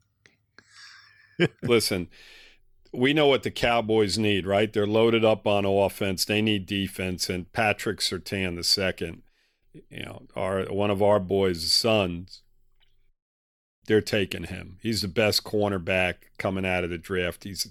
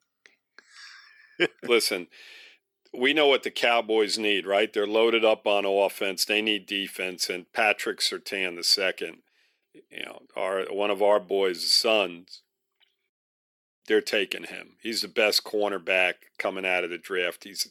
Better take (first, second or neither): first